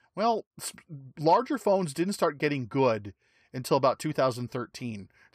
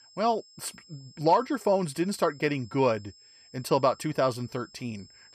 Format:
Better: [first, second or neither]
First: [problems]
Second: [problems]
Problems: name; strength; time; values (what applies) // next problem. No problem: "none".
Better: first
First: none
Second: high-pitched whine; faint; throughout; 5 kHz, 25 dB below the speech